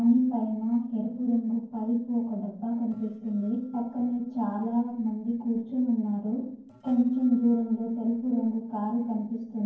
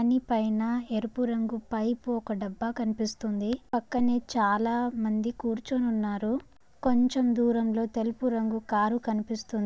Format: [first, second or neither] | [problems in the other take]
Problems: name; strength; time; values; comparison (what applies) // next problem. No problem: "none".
second | noise reduction (neural separator model SepFormer DNS4)